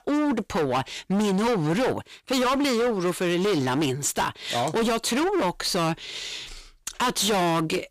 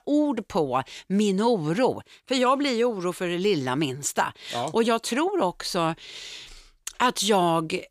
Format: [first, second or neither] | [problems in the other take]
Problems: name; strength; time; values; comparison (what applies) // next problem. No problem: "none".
second | distortion; heavy; 26% of the sound clipped